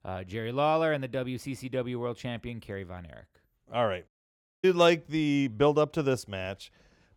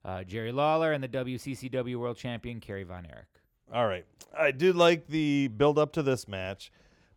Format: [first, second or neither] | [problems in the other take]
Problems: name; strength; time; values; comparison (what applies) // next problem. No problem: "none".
second | audio cutting out; at 4 s for 0.5 s